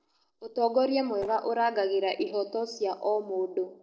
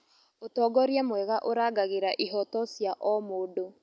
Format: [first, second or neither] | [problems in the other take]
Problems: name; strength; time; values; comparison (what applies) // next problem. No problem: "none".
second | noise reduction (neural separator model SepFormer DNS4)